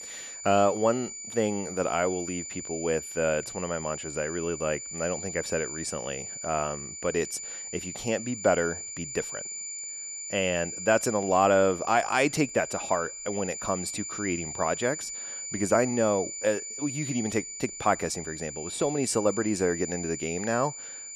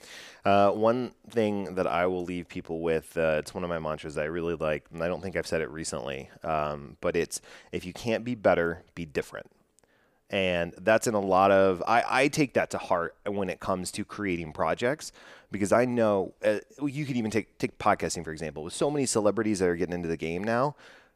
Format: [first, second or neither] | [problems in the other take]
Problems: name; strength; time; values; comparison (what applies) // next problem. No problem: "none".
second | high-pitched whine; loud; throughout; 7 kHz, 7 dB below the speech